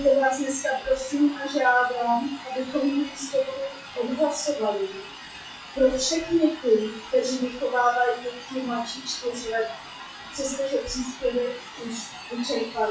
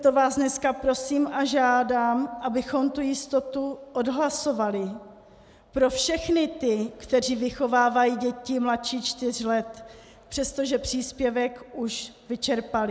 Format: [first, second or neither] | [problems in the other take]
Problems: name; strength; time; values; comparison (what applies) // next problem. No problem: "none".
second | noise reduction (classical method WPE with log-MMSE)